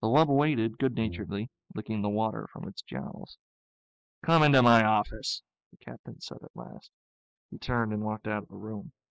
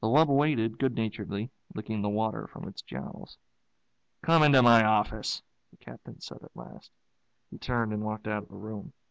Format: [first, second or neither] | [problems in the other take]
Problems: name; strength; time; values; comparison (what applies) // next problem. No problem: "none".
second | noise reduction (classical method spectral subtraction)